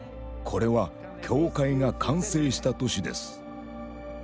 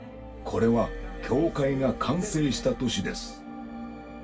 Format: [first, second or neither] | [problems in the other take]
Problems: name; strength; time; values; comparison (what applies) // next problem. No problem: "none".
first | background sound (Glass); 15 dB below the speech // room echo; dies away in 0.2 s